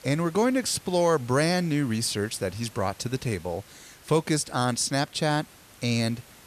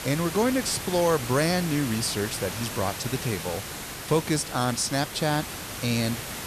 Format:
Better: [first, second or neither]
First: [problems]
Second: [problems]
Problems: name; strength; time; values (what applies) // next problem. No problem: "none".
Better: first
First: hiss; faint; throughout; 25 dB below the speech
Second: hiss; loud; throughout; 7 dB below the speech